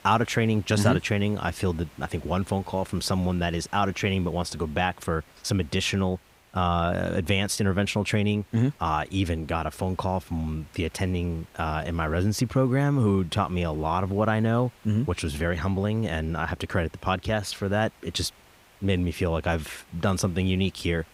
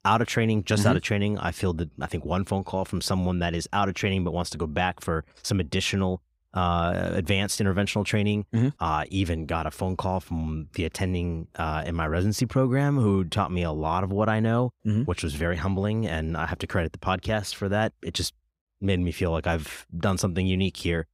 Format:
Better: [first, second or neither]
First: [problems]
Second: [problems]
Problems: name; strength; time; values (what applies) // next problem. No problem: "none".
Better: second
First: hiss; faint; throughout; 25 dB below the speech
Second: none